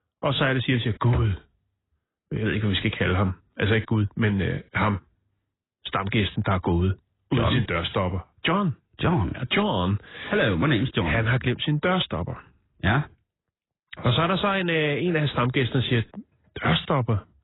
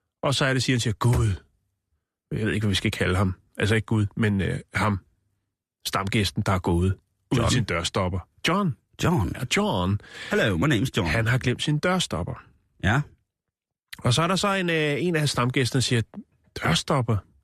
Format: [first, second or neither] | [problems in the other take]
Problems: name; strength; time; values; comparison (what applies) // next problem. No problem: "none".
second | garbled, watery; badly; nothing above 4 kHz